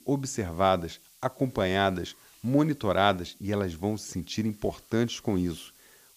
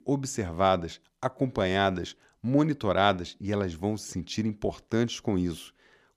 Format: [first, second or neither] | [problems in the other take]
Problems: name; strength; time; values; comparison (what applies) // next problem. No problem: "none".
second | hiss; faint; throughout; 25 dB below the speech